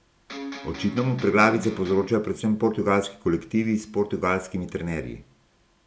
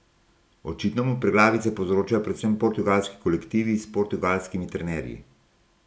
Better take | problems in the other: second | background sound (Electric guitar); 11 dB below the speech

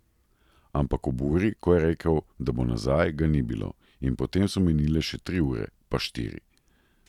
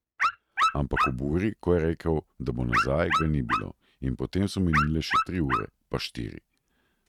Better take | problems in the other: first | noise reduction (neural mask model RNNoise)

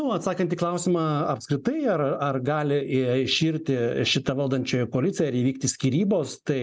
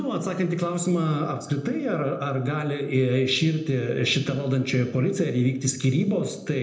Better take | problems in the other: first | room echo; dies away in 0.8 s

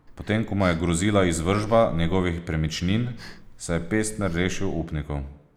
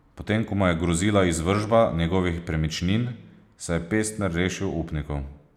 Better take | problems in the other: second | background sound (Breathing); 12 dB below the speech

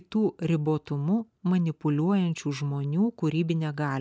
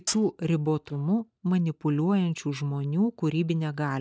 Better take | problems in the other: first | noise reduction (neural mask model DeepFilterNet 3)

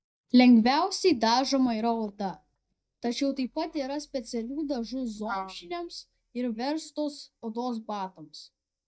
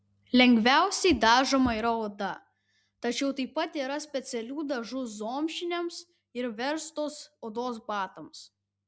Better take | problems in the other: second | noise reduction (neural mask model DeepFilterNet 3)

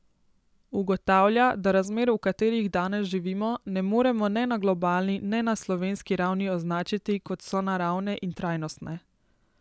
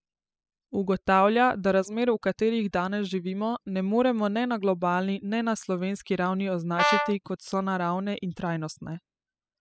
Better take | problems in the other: first | noise reduction (classical method spectral subtraction)

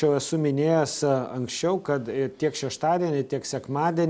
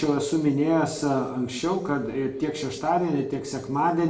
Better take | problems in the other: first | room echo; dies away in 0.7 s

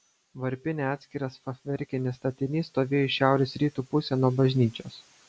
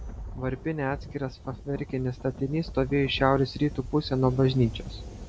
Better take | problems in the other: first | background sound (Thunder); 12 dB below the speech

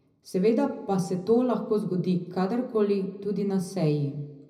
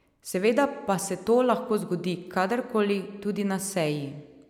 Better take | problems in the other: second | room echo; dies away in 0.4 s

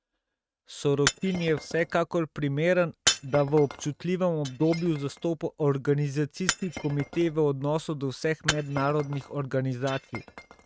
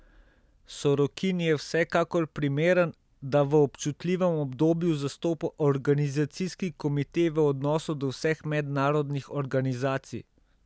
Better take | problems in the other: second | noise reduction (neural mask model RNNoise)

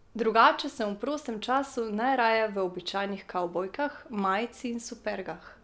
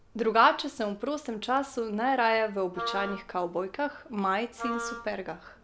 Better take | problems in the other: first | background sound (Wind instrument, woodwind instrument); 9 dB below the speech

